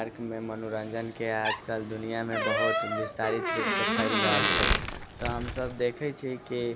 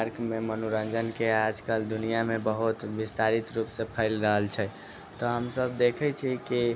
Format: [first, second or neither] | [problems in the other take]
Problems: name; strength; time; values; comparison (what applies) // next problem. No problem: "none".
second | background sound (Door + Crumpling, crinkling); 1 dB above the speech